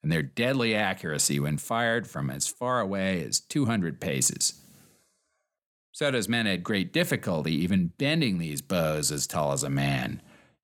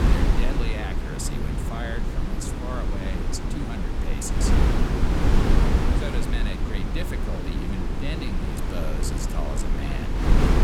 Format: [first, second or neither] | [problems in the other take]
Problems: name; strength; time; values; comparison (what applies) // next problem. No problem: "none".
first | wind noise on the microphone; heavy; 4 dB above the speech